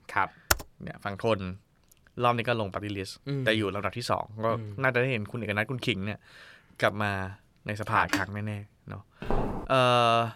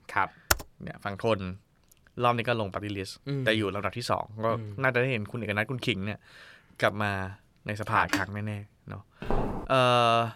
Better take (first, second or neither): neither